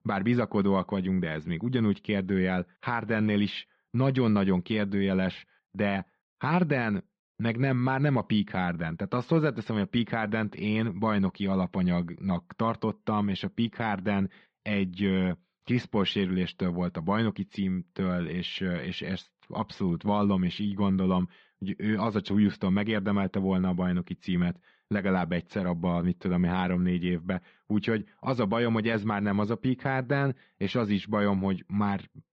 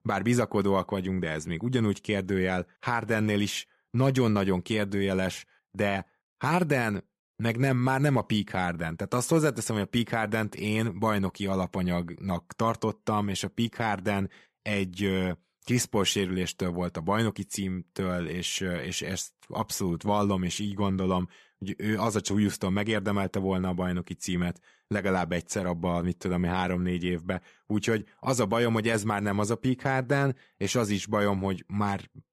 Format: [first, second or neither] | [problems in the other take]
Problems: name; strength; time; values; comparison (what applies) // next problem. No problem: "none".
second | muffled; slightly; fading above 4 kHz